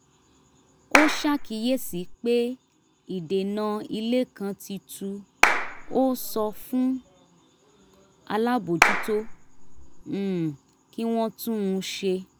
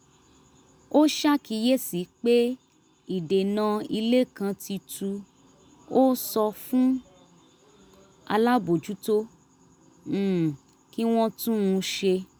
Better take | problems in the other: second | background sound (Clapping); 3 dB above the speech

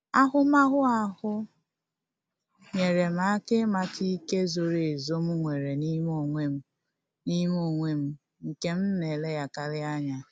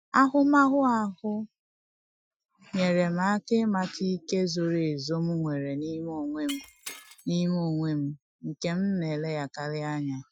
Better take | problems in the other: first | noise reduction (classical method Wiener filter)

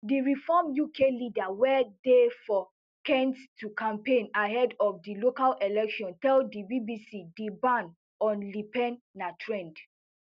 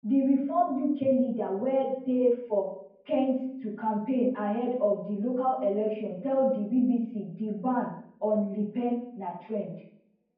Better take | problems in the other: first | room echo; dies away in 0.9 s

